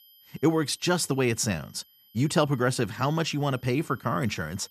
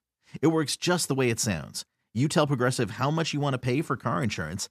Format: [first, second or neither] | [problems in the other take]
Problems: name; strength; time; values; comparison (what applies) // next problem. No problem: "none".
second | high-pitched whine; faint; throughout; 12 kHz, 30 dB below the speech